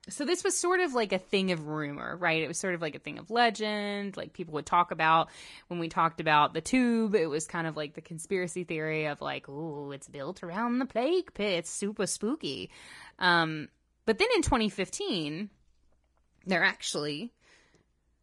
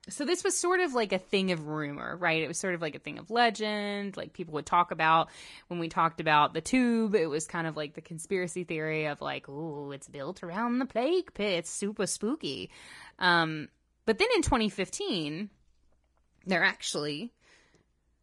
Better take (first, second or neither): neither